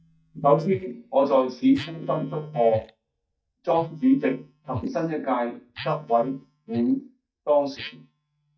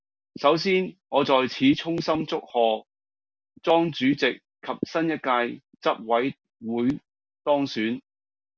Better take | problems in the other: second | noise reduction (neural mask model DeepFilterNet 3)

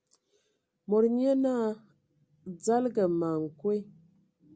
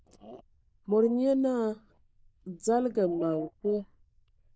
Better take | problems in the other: first | noise reduction (neural diffusion model UNIVERSE++)

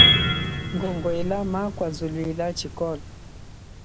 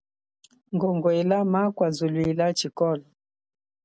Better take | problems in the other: second | background sound (Piano); 4 dB above the speech

